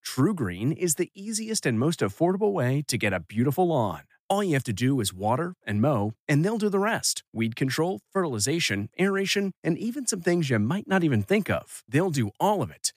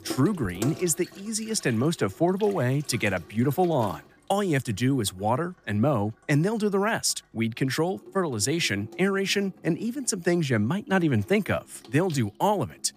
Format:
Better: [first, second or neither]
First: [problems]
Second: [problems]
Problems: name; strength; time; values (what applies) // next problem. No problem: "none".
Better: first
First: none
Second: household noises; noticeable; throughout; 20 dB below the speech